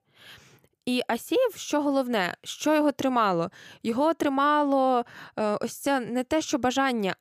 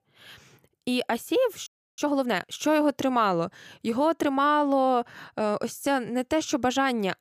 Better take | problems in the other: first | audio freezing; at 1.5 s

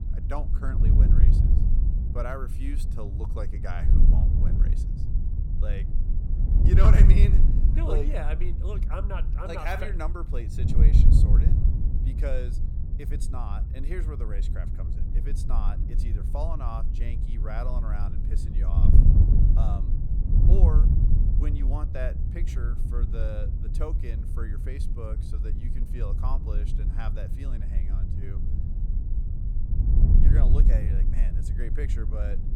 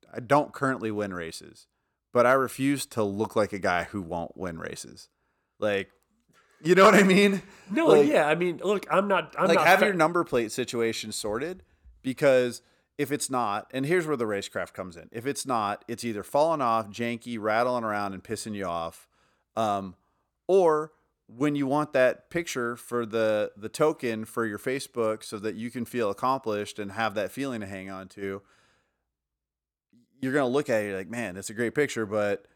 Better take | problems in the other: second | wind noise on the microphone; heavy; 3 dB below the speech

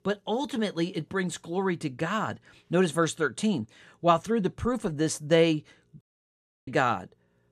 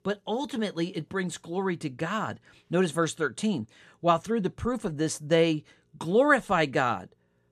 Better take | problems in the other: second | audio cutting out; at 6 s for 0.5 s

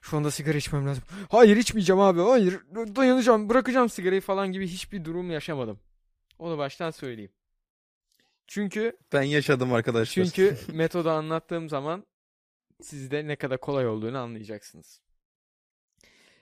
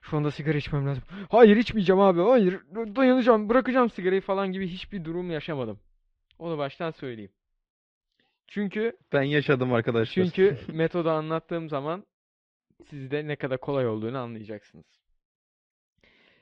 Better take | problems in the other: first | muffled; slightly; fading above 3.5 kHz

